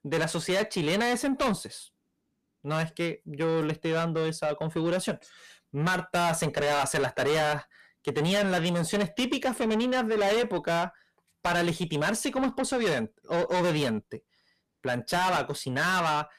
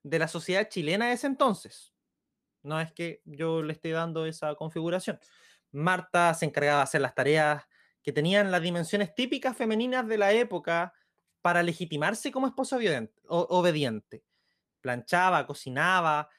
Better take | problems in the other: second | distortion; heavy; 6 dB below the speech

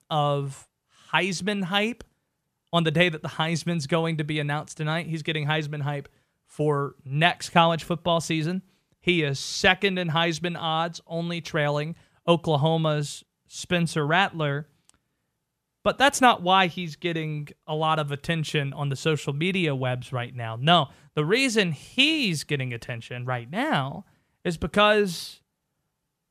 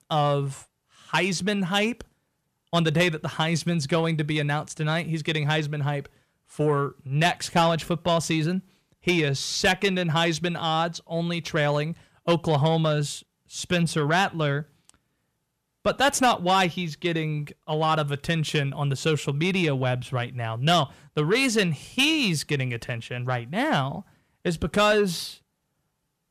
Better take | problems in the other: first | distortion; slight; 10 dB below the speech

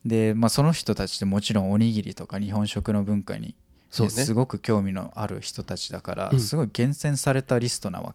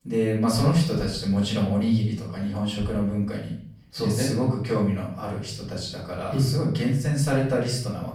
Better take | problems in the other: first | room echo; noticeable; dies away in 0.6 s // off-mic speech; far

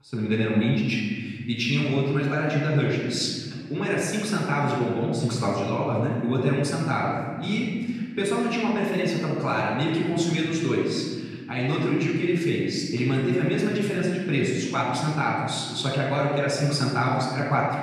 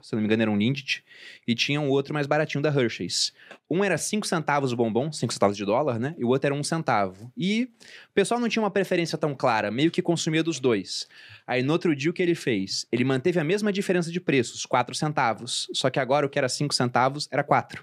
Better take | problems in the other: second | off-mic speech; far // room echo; noticeable; dies away in 2.2 s

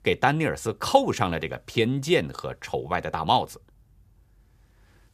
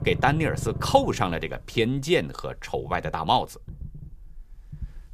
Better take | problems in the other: first | low rumble; faint; throughout; 20 dB below the speech

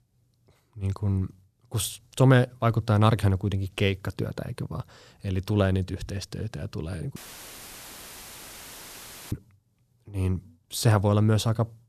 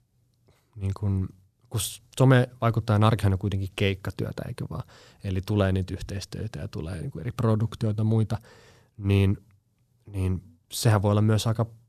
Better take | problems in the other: second | audio cutting out; filled with static; at 7 s for 2 s

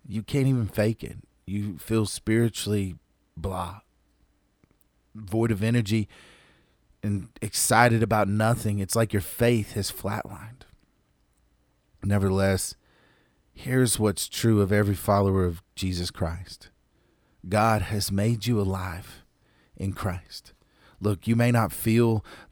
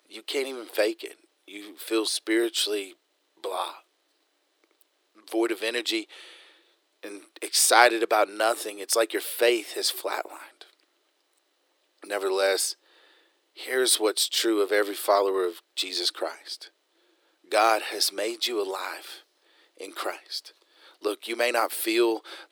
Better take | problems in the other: first | thin; very; fading below 350 Hz

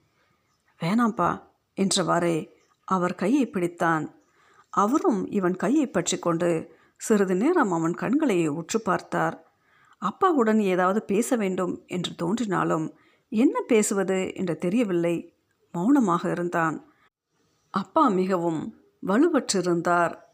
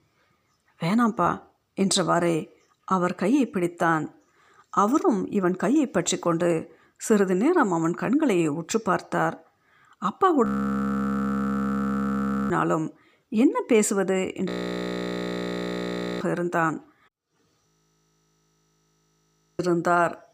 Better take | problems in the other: first | audio freezing; at 10 s for 2 s, at 14 s for 1.5 s and at 18 s for 2 s

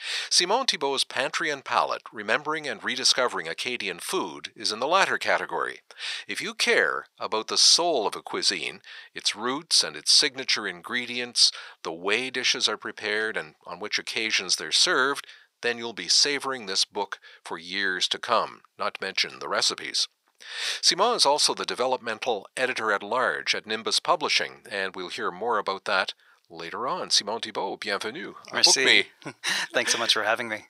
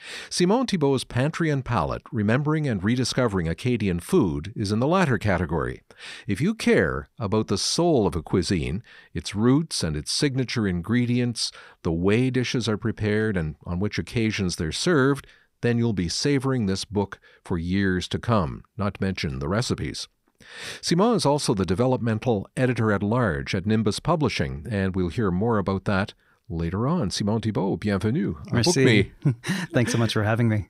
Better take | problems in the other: second | thin; very; fading below 700 Hz

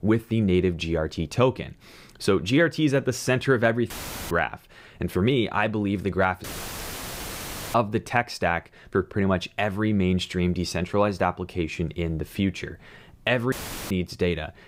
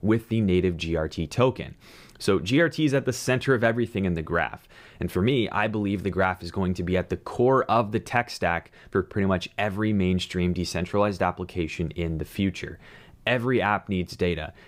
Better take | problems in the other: second | audio cutting out; filled with static; at 4 s, at 6.5 s for 1.5 s and at 14 s

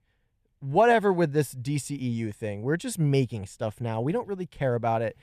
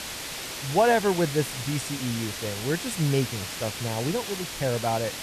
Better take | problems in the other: first | hiss; loud; throughout; 6 dB below the speech

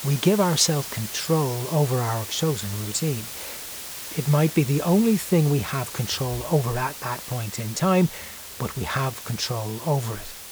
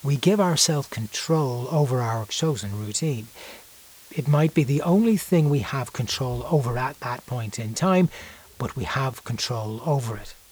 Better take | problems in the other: second | hiss; loud; throughout; 9 dB below the speech; faint in the second

